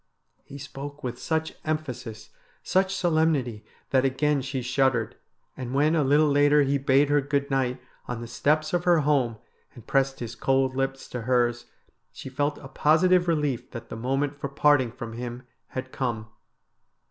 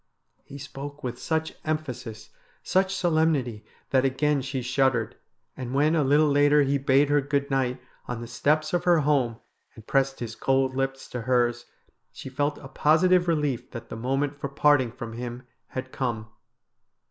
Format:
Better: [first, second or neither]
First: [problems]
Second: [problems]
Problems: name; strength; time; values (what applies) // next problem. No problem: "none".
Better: first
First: none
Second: noise reduction (neural mask model Resemble Enhance denoiser)